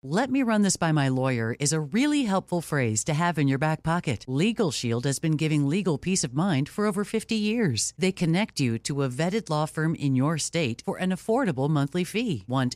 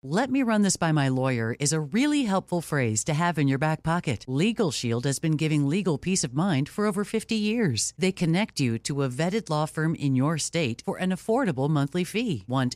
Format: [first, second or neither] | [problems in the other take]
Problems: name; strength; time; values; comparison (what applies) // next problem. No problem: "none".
neither | none